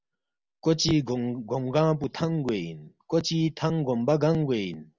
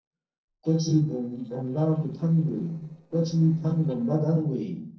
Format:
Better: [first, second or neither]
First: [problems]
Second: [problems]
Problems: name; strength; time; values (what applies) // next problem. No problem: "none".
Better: first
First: none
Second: noise reduction (neural separator model SepFormer DNS4)